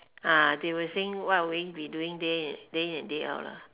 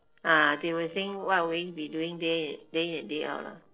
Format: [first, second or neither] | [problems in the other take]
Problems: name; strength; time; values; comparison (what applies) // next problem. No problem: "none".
first | noise reduction (neural separator model SepFormer DNS4)